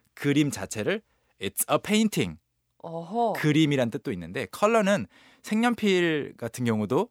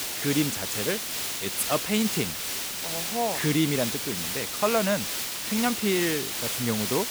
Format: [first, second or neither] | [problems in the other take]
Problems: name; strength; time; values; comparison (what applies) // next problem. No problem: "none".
first | hiss; loud; throughout; as loud as the speech